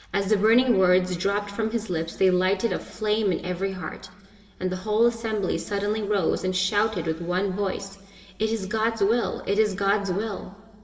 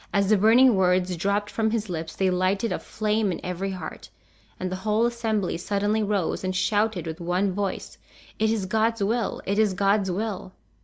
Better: second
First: room echo; dies away in 1.9 s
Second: none

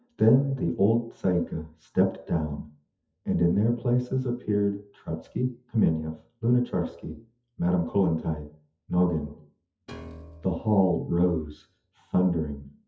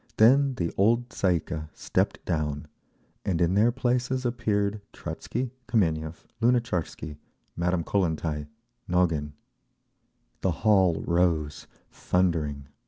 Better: second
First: noise reduction (classical method WPE with log-MMSE)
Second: none

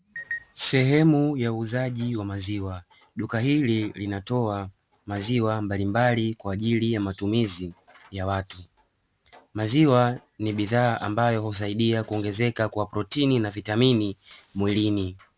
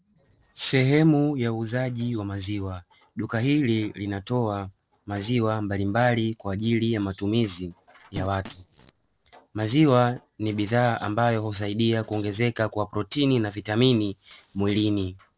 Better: first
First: none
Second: noise reduction (neural separator model SepFormer DNS4)

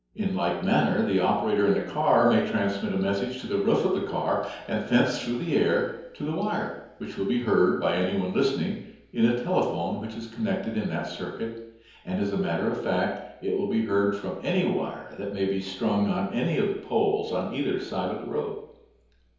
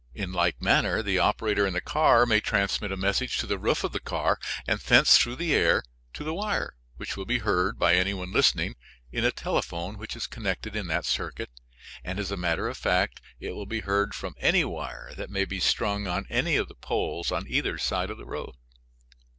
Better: second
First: room echo; dies away in 0.9 s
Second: none

